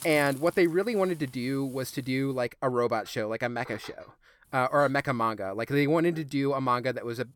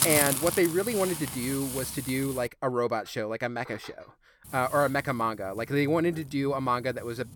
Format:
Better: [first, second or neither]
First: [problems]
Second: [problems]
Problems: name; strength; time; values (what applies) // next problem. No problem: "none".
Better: first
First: hiss; faint; until 2.5 s and from 4.5 s on; 20 dB below the speech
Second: hiss; loud; until 2.5 s and from 4.5 s on; 3 dB below the speech